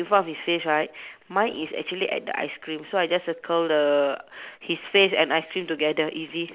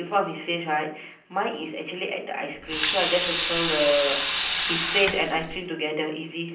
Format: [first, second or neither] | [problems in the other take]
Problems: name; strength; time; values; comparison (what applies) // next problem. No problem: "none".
first | background sound (Sink (filling or washing) / Water tap, faucet); as loud as the speech // room echo; dies away in 0.6 s